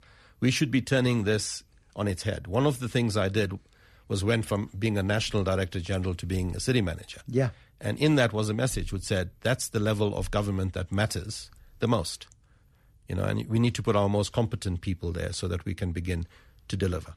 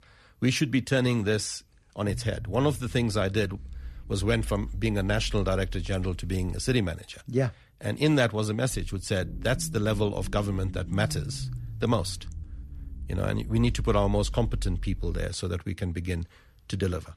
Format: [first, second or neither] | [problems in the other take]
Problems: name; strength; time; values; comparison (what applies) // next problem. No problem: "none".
first | low rumble; faint; from 2 to 7 s and from 9 to 15 s; 20 dB below the speech